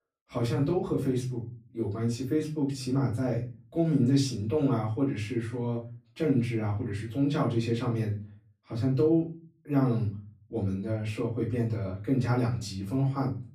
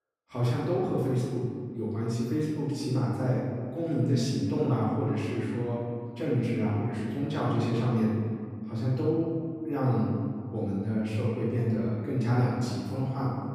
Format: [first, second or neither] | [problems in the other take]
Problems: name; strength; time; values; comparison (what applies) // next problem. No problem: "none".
first | room echo; strong; dies away in 2.1 s; slight in the first // off-mic speech; far; far in the first